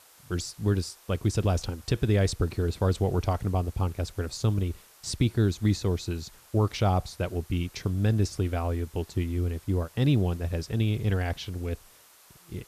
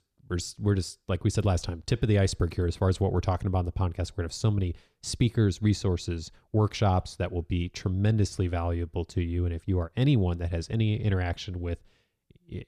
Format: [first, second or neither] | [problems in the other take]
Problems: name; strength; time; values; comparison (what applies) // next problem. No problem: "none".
second | hiss; faint; throughout; 25 dB below the speech